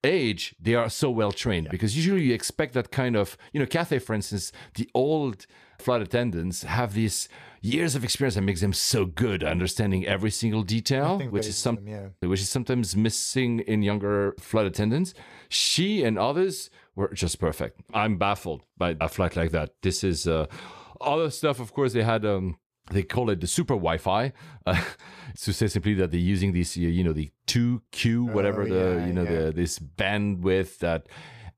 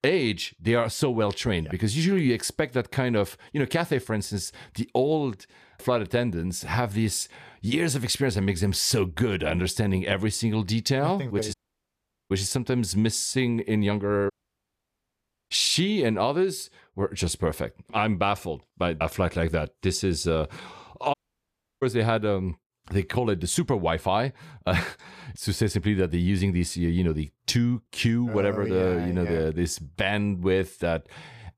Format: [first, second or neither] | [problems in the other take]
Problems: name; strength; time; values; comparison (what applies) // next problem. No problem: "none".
first | audio cutting out; at 12 s for 1 s, at 14 s for 1 s and at 21 s for 0.5 s